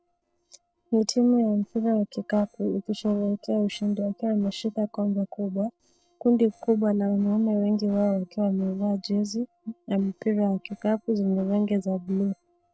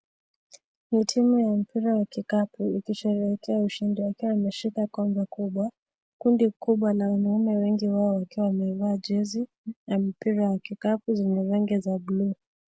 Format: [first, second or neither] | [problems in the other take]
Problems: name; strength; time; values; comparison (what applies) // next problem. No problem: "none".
second | noise reduction (neural separator model SepFormer DNS4)